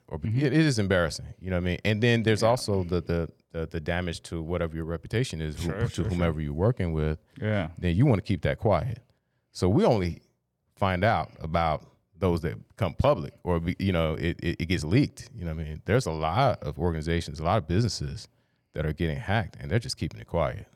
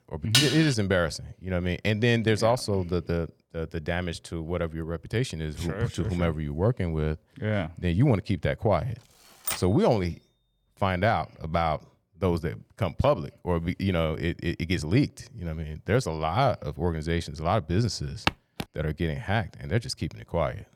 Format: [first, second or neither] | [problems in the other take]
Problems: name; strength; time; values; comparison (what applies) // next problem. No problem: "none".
first | clattering dishes; loud; at 0.5 s; peak 5 dB above the speech // keyboard typing; noticeable; at 9.5 s; peak 4 dB below the speech // footsteps; very faint; at 18 s; peak 2 dB below the speech